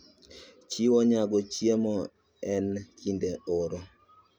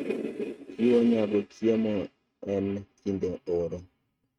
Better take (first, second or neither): first